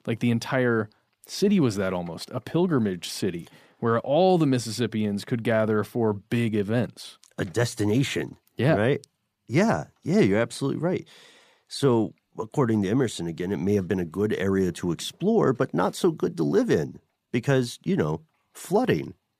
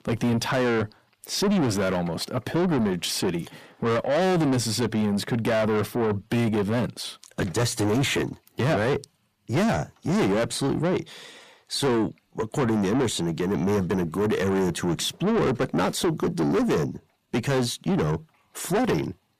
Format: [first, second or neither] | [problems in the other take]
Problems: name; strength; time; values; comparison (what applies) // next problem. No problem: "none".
first | distortion; heavy; 7 dB below the speech